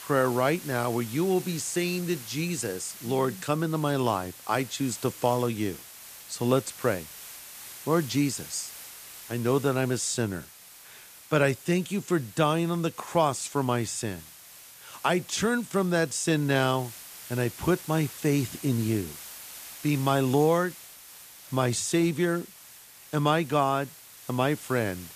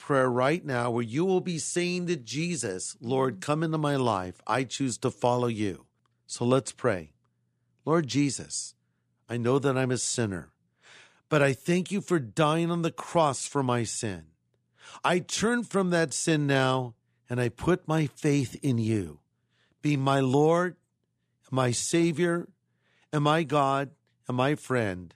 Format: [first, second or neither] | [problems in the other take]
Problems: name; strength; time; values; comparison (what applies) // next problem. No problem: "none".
second | hiss; noticeable; throughout; 15 dB below the speech